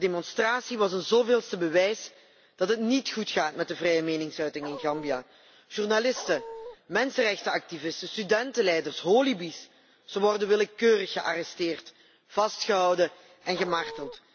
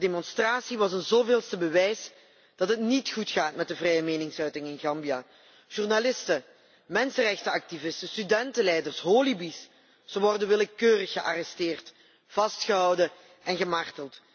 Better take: second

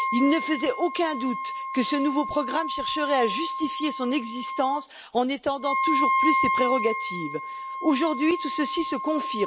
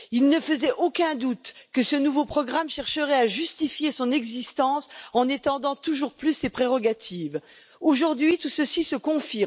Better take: second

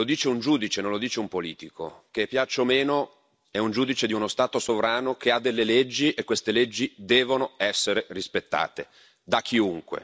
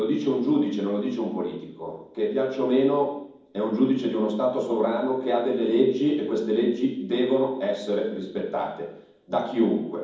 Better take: first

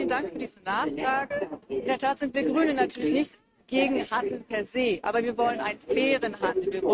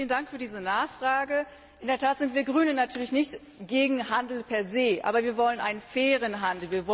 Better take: second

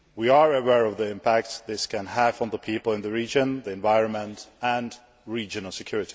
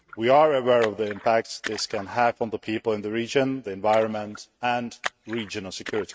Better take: first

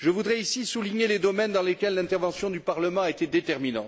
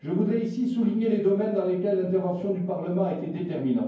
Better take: first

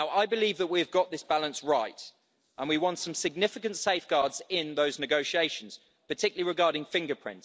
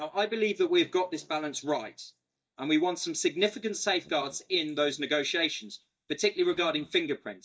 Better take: first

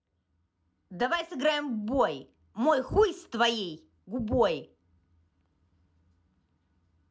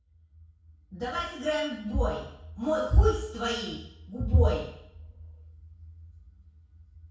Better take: first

